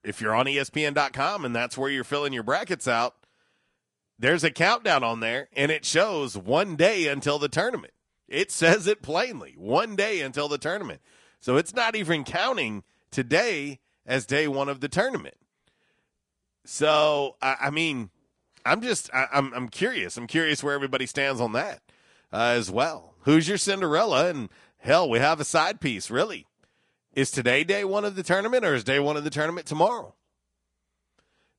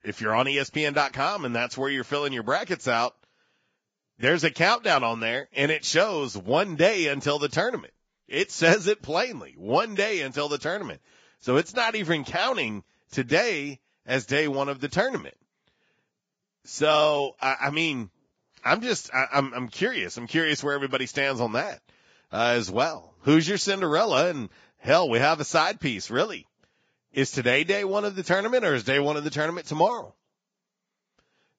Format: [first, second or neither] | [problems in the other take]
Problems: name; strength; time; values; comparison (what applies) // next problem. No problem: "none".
first | garbled, watery; badly; nothing above 7.5 kHz; slightly in the first